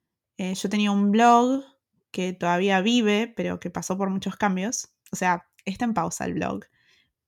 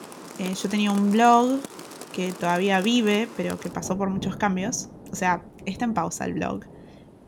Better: first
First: none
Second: rain or running water; noticeable; throughout; 15 dB below the speech

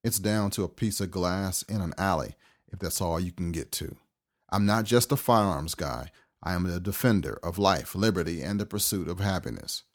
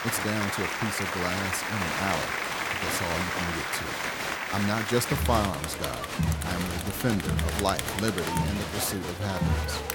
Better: first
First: none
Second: crowd noise; very loud; throughout; 1 dB above the speech

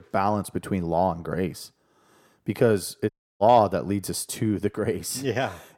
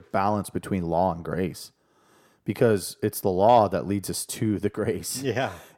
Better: second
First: audio cutting out; at 3 s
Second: none

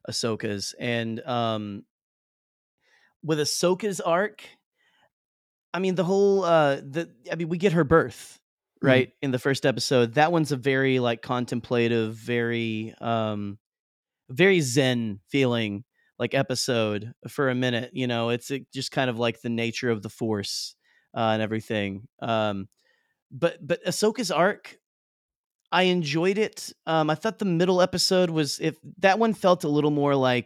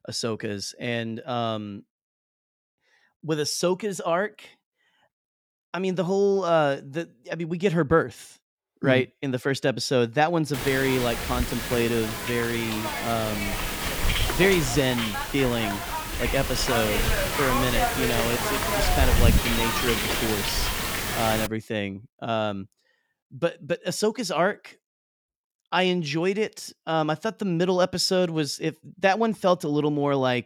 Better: first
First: none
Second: hiss; loud; from 11 to 21 s; 1 dB below the speech

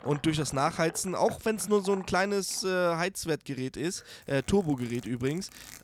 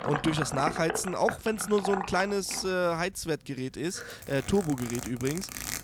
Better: first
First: household noises; faint; throughout; 20 dB below the speech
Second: household noises; loud; throughout; 7 dB below the speech

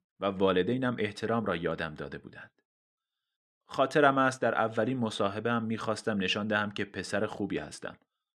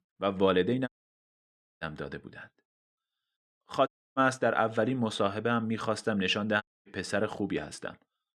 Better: first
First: none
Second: audio cutting out; at 1 s for 1 s, at 4 s and at 6.5 s

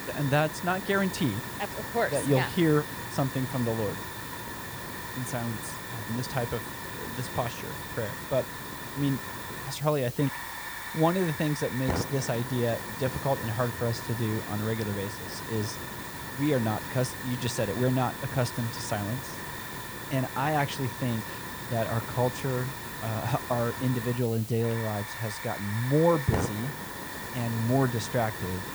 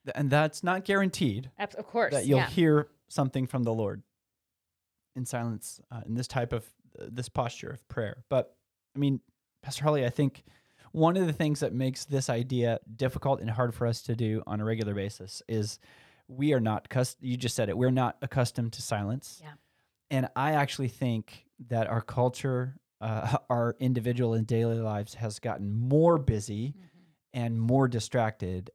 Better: second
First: hiss; loud; throughout; 6 dB below the speech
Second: none

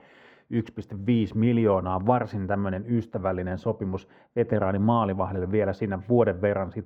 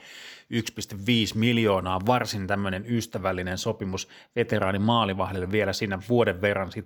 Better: second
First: muffled; very; fading above 2.5 kHz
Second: none

